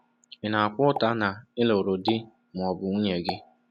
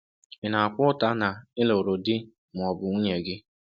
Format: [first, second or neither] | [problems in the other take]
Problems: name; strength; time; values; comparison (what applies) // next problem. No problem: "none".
second | background sound (Explosion); 14 dB below the speech